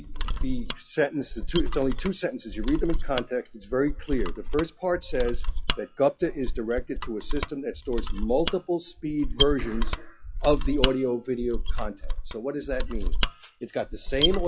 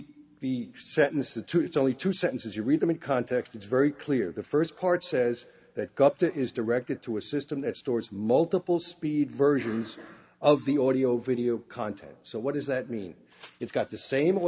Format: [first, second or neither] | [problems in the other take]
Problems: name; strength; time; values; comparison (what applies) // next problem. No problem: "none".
second | noise reduction (classical method log-MMSE)